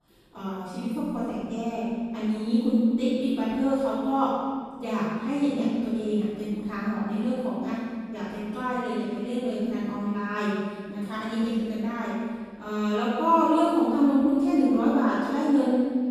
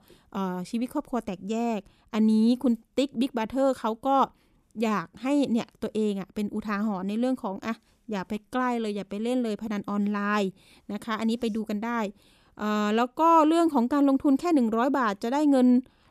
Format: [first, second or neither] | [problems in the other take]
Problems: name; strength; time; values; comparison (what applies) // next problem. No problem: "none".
second | off-mic speech; far // room echo; strong; dies away in 1.7 s